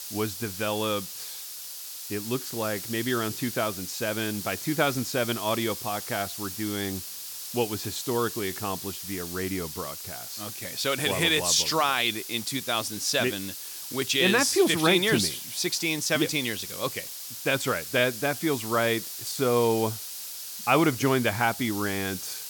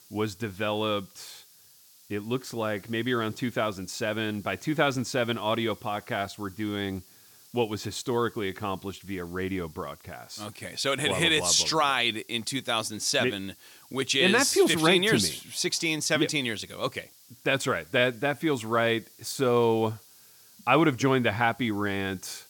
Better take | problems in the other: second | hiss; loud; throughout; 8 dB below the speech; faint in the second

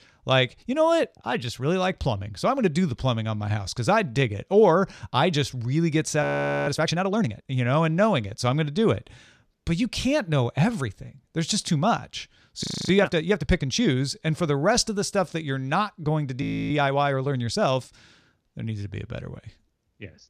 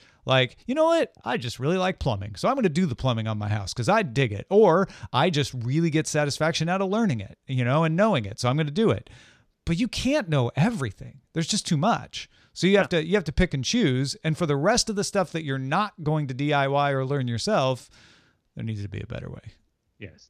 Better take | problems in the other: second | audio freezing; at 6 s, at 13 s and at 16 s

